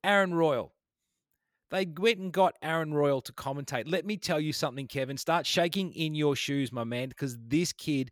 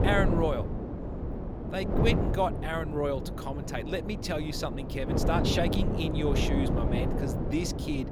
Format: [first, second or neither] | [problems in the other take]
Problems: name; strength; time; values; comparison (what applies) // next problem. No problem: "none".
first | wind noise on the microphone; heavy; 4 dB below the speech